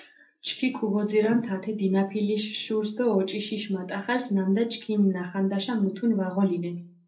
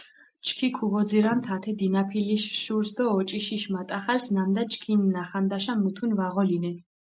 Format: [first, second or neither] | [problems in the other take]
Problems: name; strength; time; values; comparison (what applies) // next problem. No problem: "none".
second | room echo; dies away in 0.3 s